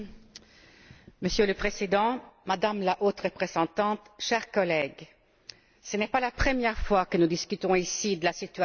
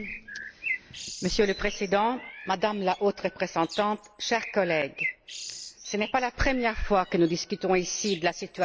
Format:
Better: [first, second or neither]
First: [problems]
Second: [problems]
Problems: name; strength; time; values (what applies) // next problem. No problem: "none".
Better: first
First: none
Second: background sound (Bird); 13 dB below the speech